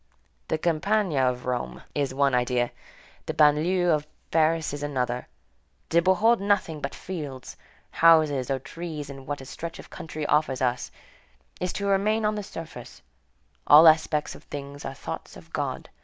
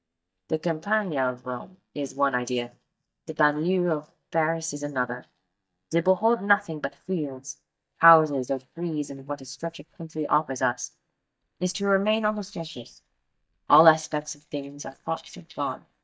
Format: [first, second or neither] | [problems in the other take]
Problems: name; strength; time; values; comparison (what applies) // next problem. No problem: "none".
first | noise reduction (neural mask model DeepFilterNet 3)